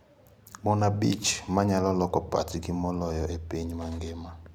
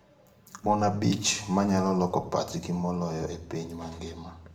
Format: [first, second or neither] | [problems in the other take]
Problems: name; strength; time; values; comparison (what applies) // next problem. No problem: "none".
first | room echo; dies away in 0.8 s